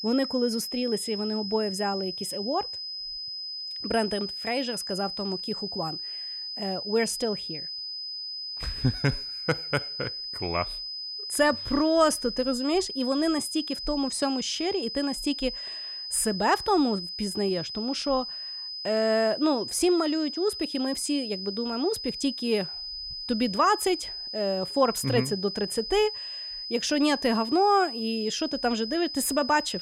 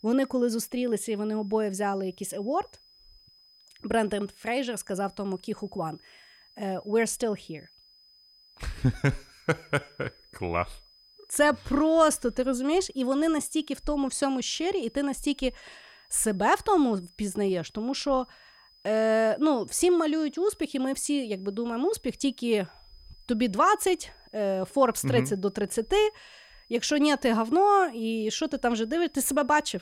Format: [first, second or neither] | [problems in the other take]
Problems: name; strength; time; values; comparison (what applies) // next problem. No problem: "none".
second | high-pitched whine; loud; throughout; 5 kHz, 6 dB below the speech; faint in the second